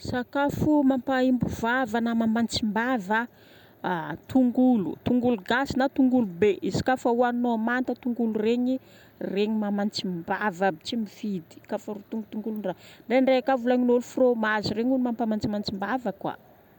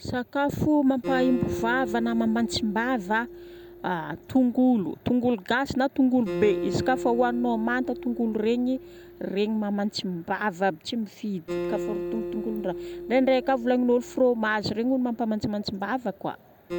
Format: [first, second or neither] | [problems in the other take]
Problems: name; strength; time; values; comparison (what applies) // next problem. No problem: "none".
first | background sound (Acoustic guitar); 11 dB below the speech